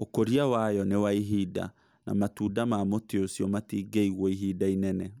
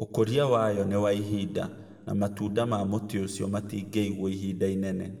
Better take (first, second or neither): first